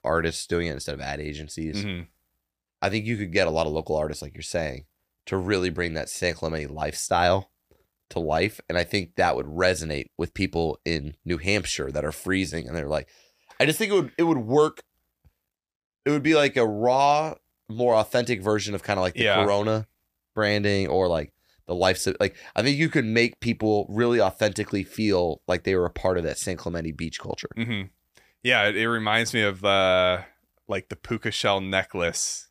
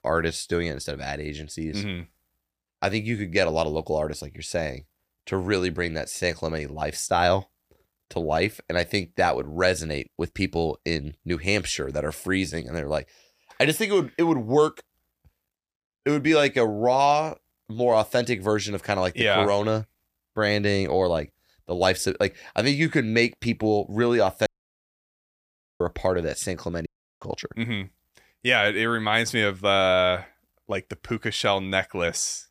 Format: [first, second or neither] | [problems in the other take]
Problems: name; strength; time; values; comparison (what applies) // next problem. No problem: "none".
first | audio cutting out; at 24 s for 1.5 s and at 27 s